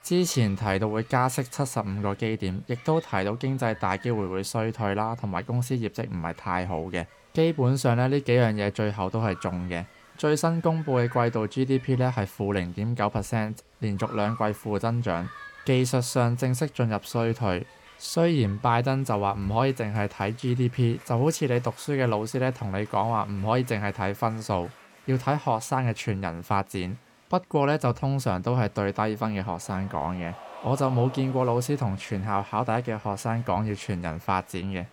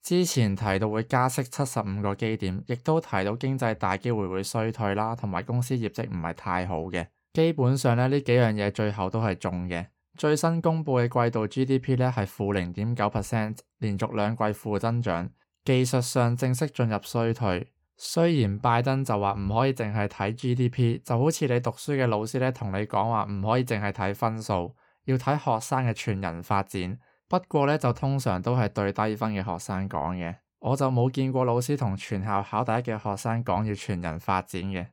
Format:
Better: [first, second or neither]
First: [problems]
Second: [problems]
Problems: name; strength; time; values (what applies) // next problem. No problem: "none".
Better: second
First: crowd noise; faint; throughout; 20 dB below the speech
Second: none